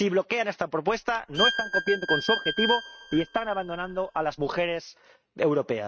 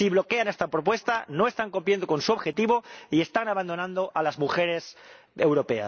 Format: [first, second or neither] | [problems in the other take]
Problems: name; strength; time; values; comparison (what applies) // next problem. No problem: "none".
second | noise reduction (neural mask model RNNoise)